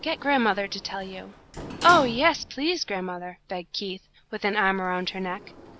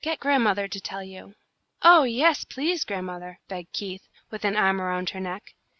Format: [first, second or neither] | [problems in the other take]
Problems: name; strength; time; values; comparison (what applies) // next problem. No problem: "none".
second | background sound (Sliding door); 15 dB below the speech